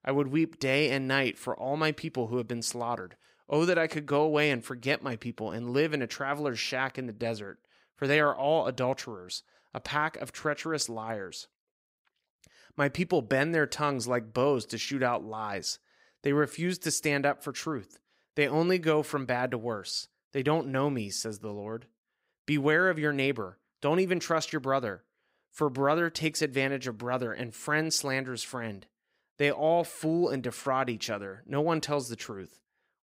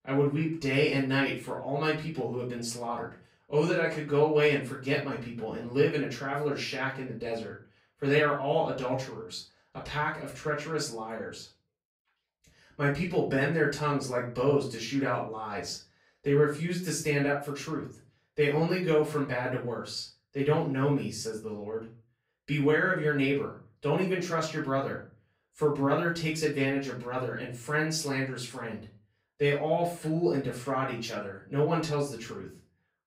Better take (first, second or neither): first